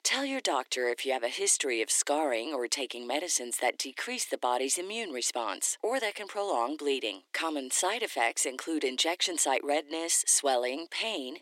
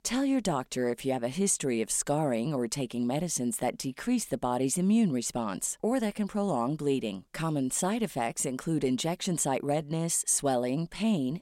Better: second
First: thin; very; fading below 300 Hz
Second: none

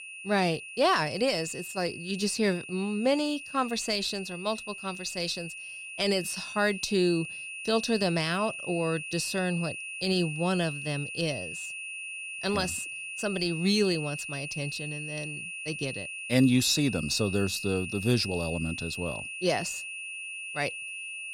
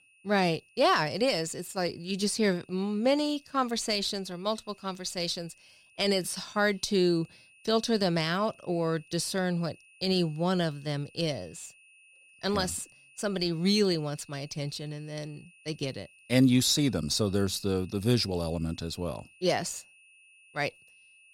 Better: second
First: high-pitched whine; loud; throughout; 2.5 kHz, 7 dB below the speech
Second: high-pitched whine; faint; throughout; 2.5 kHz, 25 dB below the speech

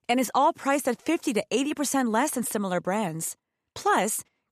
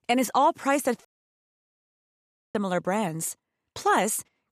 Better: first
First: none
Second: audio cutting out; at 1 s for 1.5 s

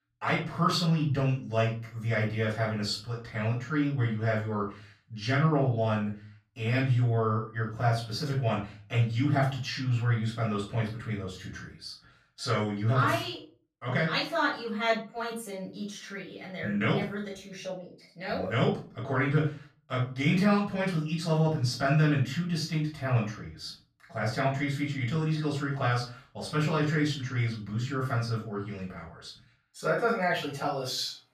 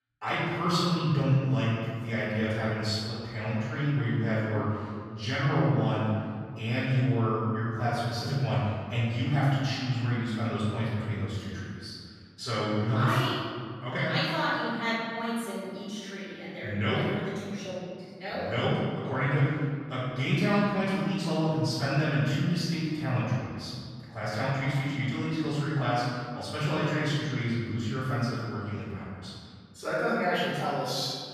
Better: first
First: room echo; slight; dies away in 0.3 s // off-mic speech; far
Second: room echo; strong; dies away in 1.9 s // off-mic speech; far

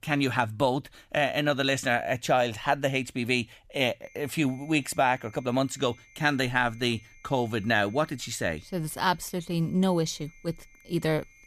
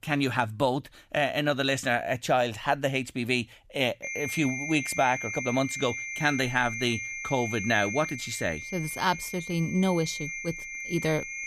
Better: first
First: high-pitched whine; faint; from 4 s on; 2 kHz, 30 dB below the speech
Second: high-pitched whine; loud; from 4 s on; 2 kHz, 6 dB below the speech

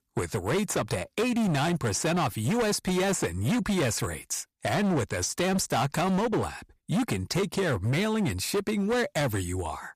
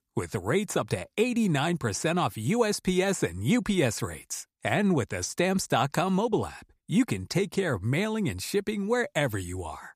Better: second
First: distortion; heavy; 21% of the sound clipped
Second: none

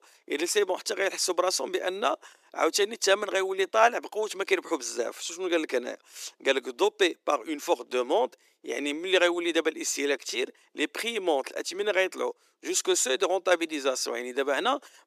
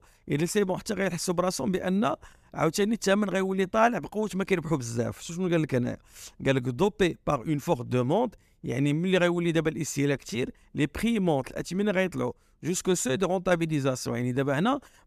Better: second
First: thin; very; fading below 350 Hz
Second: none

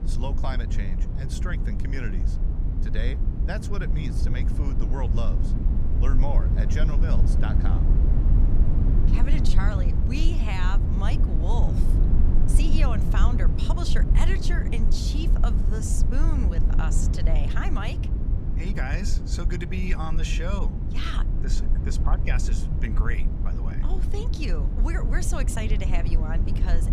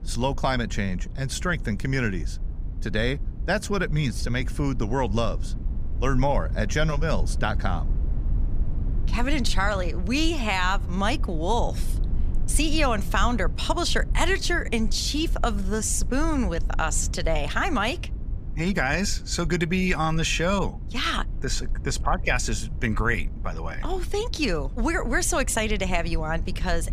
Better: second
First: low rumble; loud; throughout; 4 dB below the speech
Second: low rumble; faint; throughout; 20 dB below the speech

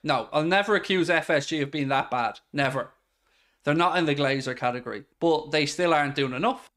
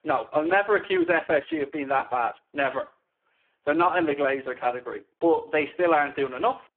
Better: first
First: none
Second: phone-call audio; poor line

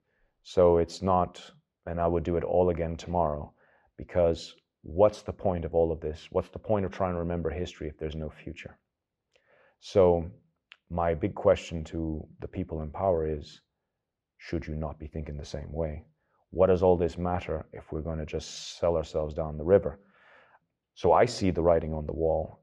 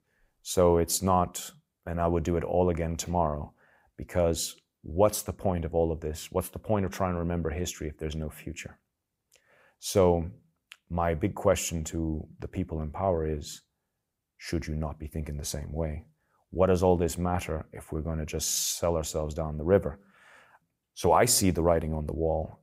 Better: second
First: muffled; slightly; fading above 4 kHz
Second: none

